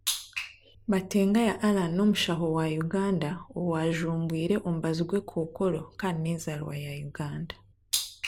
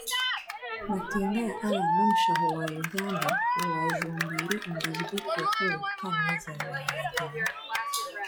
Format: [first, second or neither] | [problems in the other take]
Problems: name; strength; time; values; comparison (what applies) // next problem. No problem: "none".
first | noise reduction (classical method log-MMSE)